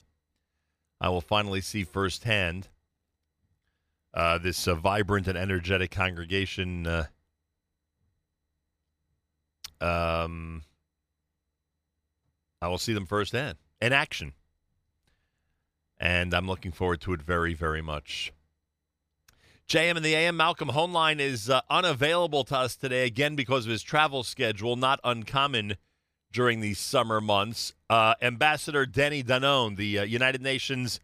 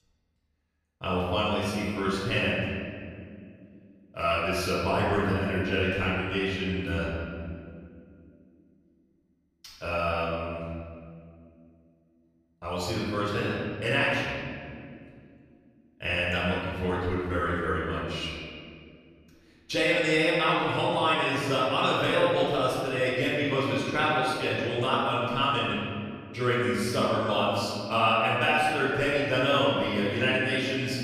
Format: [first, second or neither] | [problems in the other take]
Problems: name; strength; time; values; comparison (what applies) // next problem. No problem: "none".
first | room echo; strong; dies away in 2.4 s // off-mic speech; far